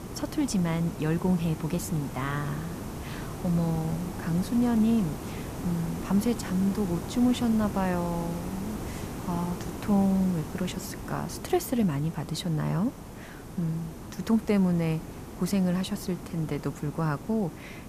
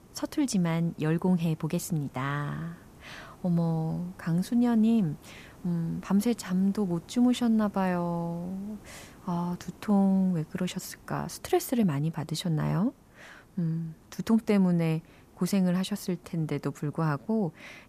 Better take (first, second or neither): second